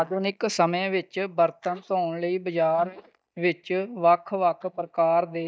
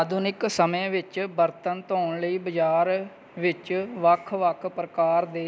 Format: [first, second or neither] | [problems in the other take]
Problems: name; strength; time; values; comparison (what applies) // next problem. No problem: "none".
second | noise reduction (neural mask model DeepFilterNet 3)